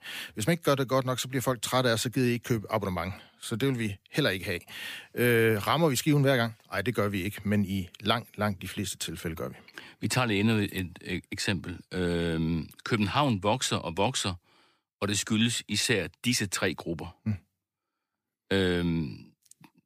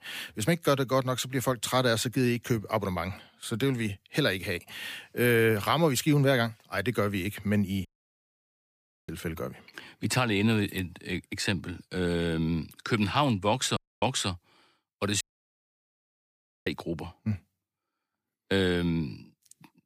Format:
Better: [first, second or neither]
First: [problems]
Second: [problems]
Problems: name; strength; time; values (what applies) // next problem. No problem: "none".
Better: first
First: none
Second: audio cutting out; at 8 s for 1 s, at 14 s and at 15 s for 1.5 s